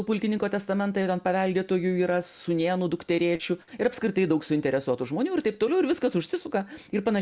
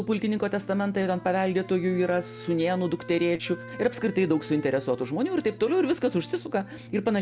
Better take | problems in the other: first | background sound (Wind instrument, woodwind instrument + Brass instrument); 17 dB below the speech

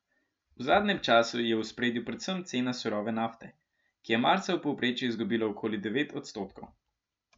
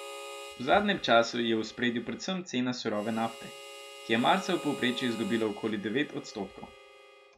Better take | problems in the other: first | background sound (Harmonica); 15 dB below the speech

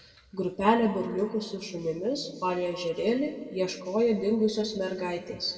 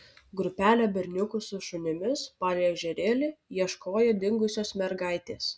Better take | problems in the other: second | room echo; dies away in 1.6 s

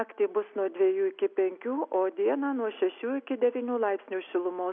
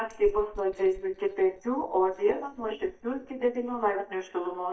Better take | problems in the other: first | noise reduction (neural mask model DeepFilterNet 3)

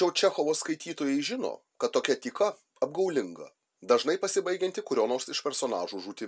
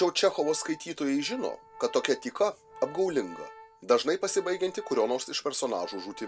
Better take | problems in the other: first | background sound (Organ); 19 dB below the speech

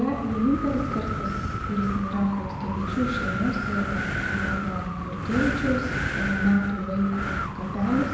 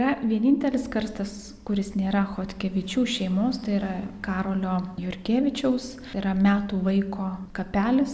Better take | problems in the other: second | background sound (Wind); 2 dB below the speech // room echo; dies away in 1 s

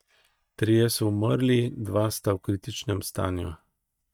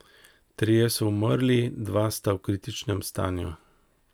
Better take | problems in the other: second | noise reduction (neural mask model DeepFilterNet 3)

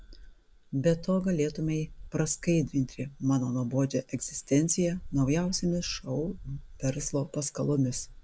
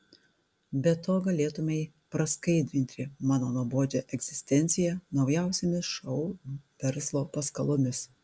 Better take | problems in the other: second | background sound (Dog); 16 dB below the speech

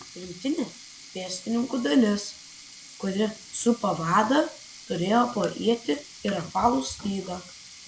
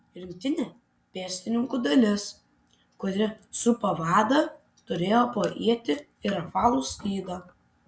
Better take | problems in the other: second | background sound (Sink (filling or washing)); 19 dB below the speech

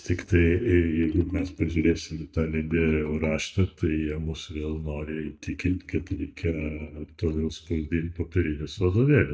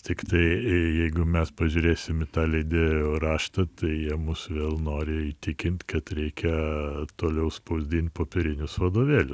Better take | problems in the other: second | noise reduction (neural mask model DeepFilterNet 3)

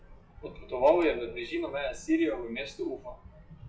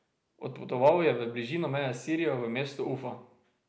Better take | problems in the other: second | noise reduction (classical method WPE with log-MMSE)

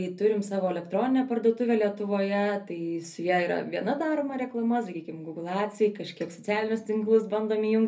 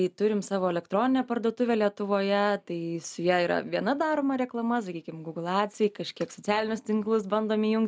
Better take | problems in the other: second | room echo; dies away in 0.3 s

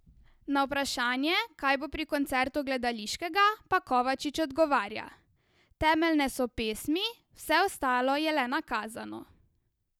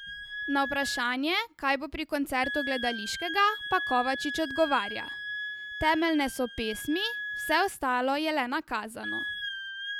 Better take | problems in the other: first | background sound (Wind instrument, woodwind instrument); 8 dB below the speech

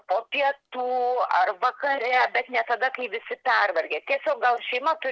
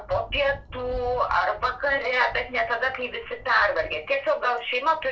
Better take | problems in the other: first | background sound (Thunder); 17 dB below the speech // room echo; dies away in 0.2 s

